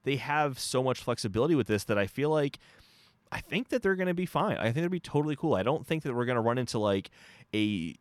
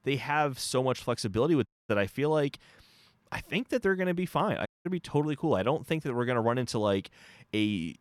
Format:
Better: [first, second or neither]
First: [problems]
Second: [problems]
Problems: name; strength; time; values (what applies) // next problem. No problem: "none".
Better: first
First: none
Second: audio cutting out; at 1.5 s and at 4.5 s